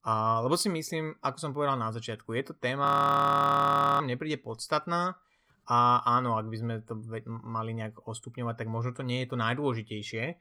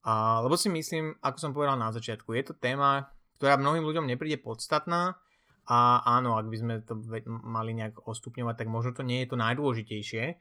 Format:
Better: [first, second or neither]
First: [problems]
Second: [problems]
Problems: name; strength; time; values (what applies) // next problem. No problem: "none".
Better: second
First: audio freezing; at 3 s for 1 s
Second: none